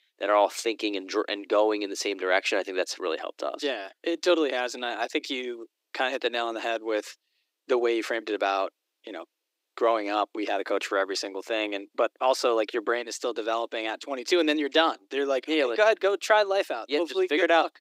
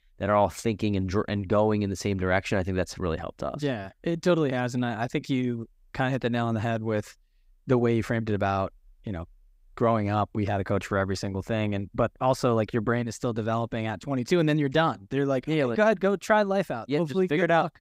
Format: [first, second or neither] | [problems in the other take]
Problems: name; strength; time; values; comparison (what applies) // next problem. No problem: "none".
second | thin; very; fading below 300 Hz